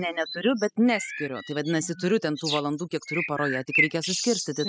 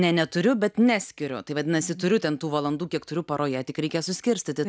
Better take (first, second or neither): second